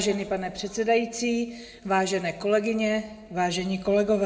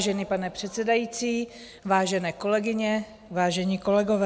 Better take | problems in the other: second | room echo; dies away in 0.9 s

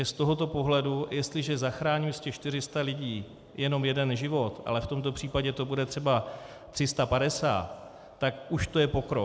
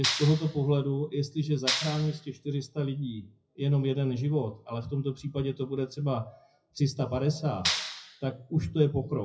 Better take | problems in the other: first | noise reduction (classical method WPE with log-MMSE)

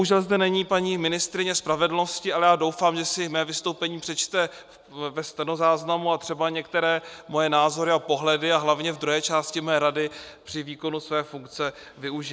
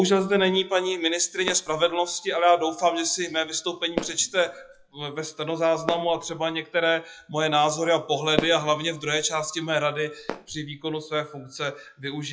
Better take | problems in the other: first | noise reduction (classical method WPE with log-MMSE)

